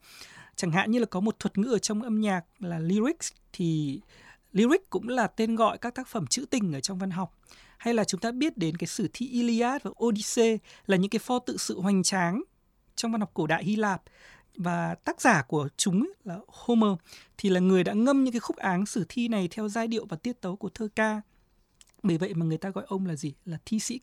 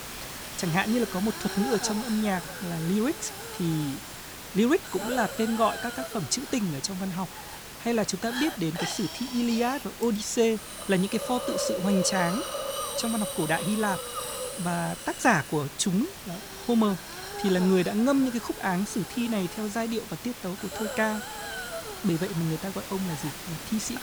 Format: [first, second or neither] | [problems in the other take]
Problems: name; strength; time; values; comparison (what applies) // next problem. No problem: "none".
first | hiss; loud; throughout; 7 dB below the speech